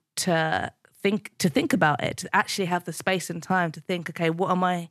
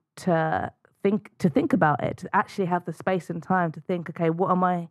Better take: first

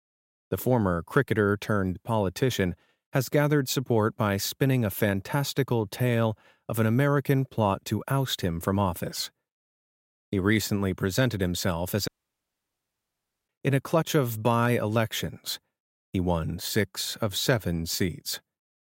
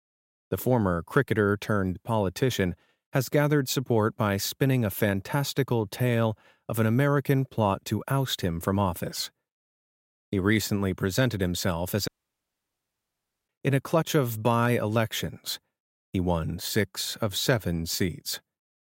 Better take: neither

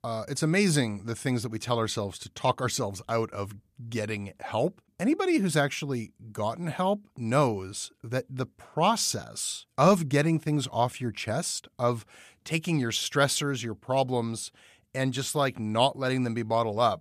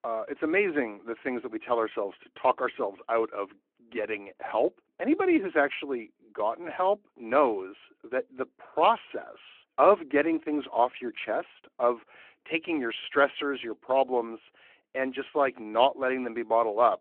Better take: first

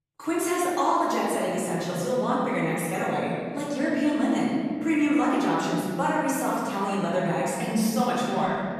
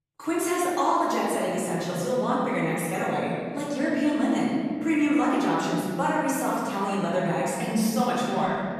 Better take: neither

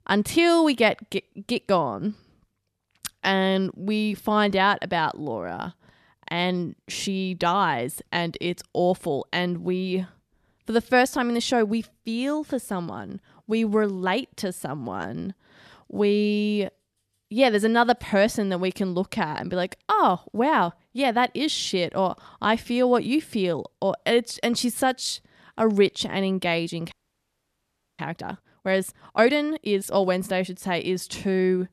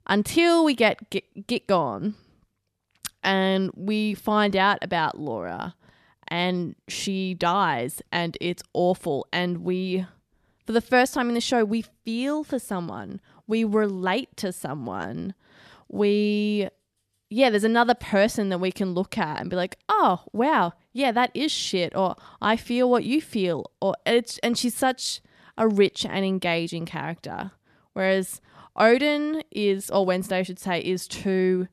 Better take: second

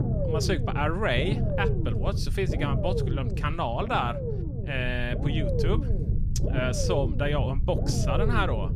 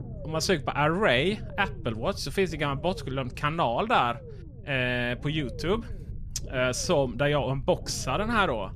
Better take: second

